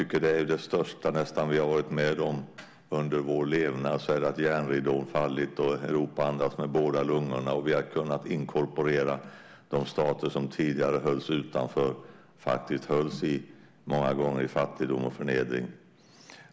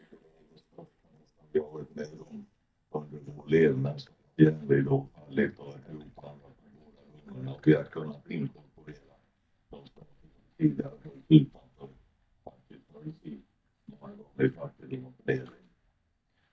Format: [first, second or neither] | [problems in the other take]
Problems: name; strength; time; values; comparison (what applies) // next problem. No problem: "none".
first | noise reduction (neural mask model DeepFilterNet 3)